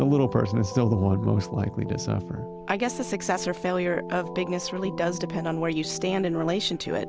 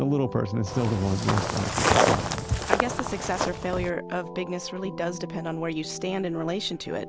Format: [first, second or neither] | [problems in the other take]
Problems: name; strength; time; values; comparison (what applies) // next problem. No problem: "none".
first | background sound (Walk, footsteps); 2 dB above the speech